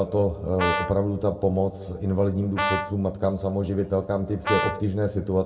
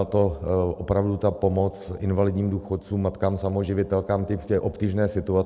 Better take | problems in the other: second | background sound (Brass instrument); 5 dB below the speech // room echo; dies away in 1.4 s

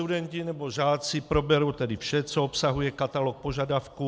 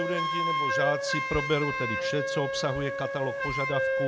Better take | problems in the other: first | background sound (Wind instrument, woodwind instrument); 2 dB above the speech

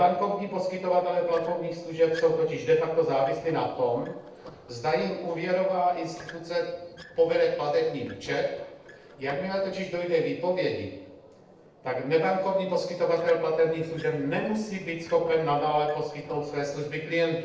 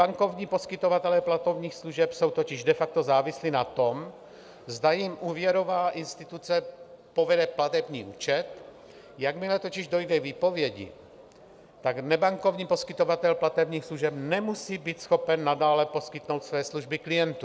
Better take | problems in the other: second | noise reduction (neural separator model SepFormer DNS4)

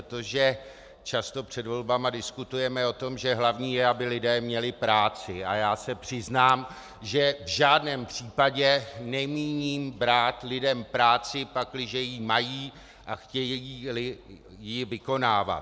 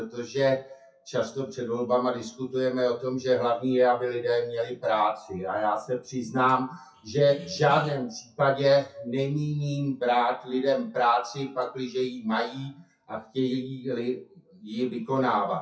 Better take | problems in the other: first | noise reduction (classical method WPE with log-MMSE)

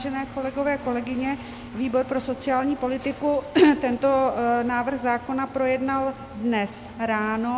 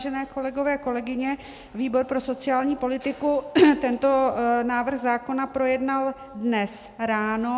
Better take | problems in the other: second | background sound (Engine); 17 dB below the speech

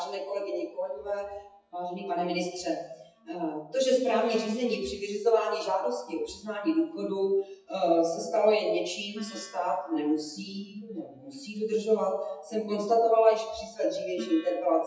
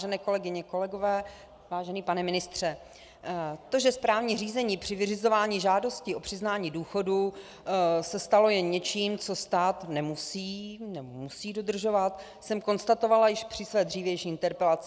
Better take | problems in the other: second | noise reduction (classical method WPE with log-MMSE)

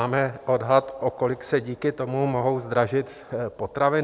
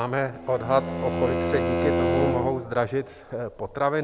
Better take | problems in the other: first | background sound (Bowed string instrument); 1 dB below the speech

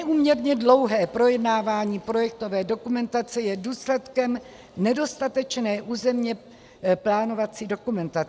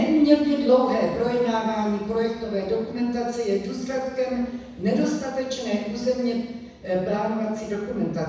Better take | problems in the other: first | room echo; dies away in 1.1 s

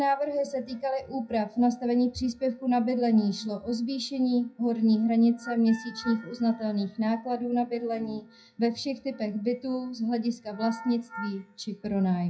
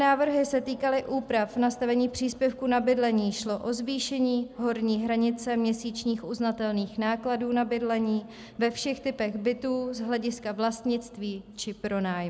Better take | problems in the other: second | noise reduction (classical method WPE with log-MMSE)

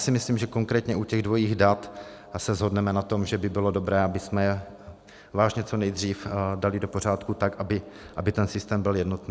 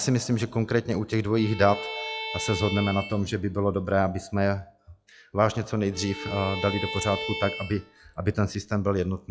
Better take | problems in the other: first | noise reduction (classical method log-MMSE)

